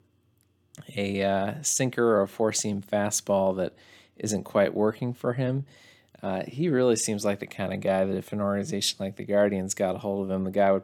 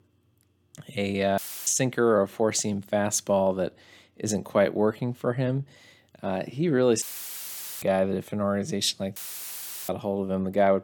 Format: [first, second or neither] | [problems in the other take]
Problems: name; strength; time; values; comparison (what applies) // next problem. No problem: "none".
first | audio cutting out; filled with static; at 1.5 s, at 7 s for 1 s and at 9 s for 0.5 s